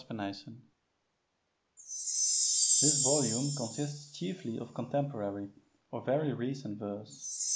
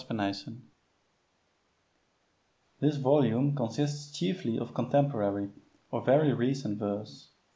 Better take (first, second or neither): second